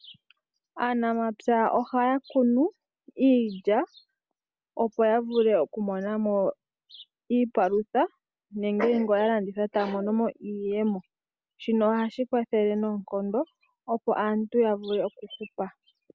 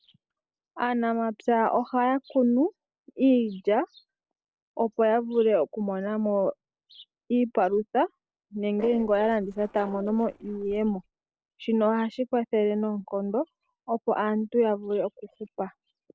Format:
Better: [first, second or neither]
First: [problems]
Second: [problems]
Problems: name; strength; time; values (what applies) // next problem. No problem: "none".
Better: first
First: none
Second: noise reduction (neural separator model SepFormer DNS4)